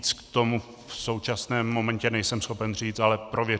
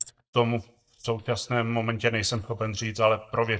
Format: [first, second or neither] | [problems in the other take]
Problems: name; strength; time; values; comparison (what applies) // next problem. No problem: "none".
first | noise reduction (neural mask model DeepFilterNet 3)